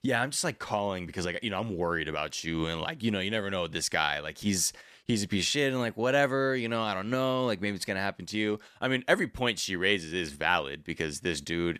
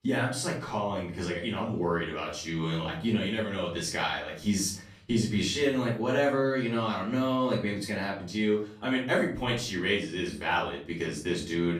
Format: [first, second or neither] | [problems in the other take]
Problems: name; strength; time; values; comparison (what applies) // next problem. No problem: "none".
first | off-mic speech; far // room echo; slight; dies away in 0.5 s